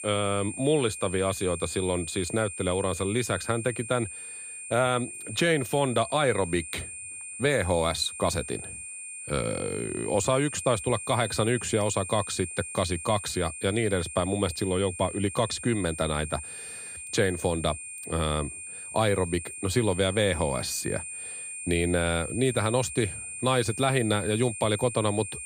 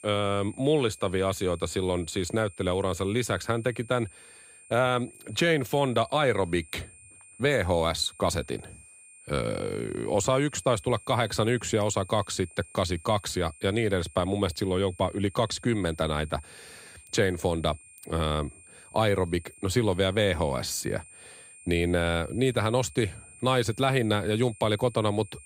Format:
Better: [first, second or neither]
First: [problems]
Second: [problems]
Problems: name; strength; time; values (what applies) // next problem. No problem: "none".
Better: second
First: high-pitched whine; loud; throughout; 9 kHz, 8 dB below the speech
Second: high-pitched whine; faint; throughout; 9 kHz, 20 dB below the speech